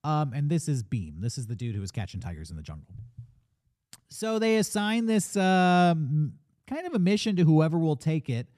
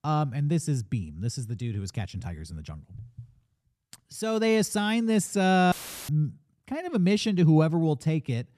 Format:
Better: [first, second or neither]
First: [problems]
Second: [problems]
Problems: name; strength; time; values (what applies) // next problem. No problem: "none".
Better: first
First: none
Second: audio cutting out; filled with static; at 5.5 s